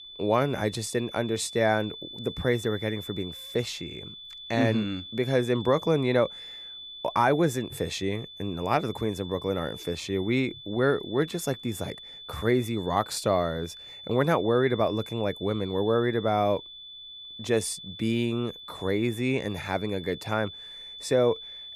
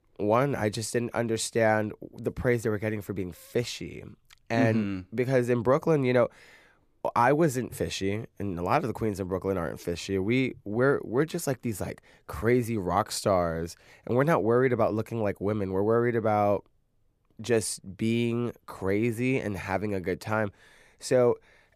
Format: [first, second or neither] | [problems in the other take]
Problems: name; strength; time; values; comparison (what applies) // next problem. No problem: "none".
second | high-pitched whine; noticeable; throughout; 3.5 kHz, 15 dB below the speech